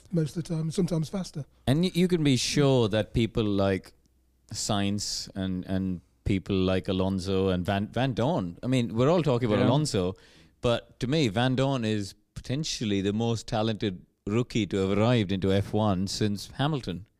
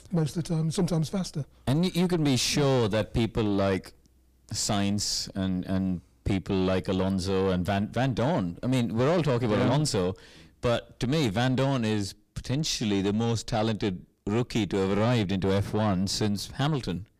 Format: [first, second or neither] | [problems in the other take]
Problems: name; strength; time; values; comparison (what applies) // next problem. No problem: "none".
first | distortion; slight; 10 dB below the speech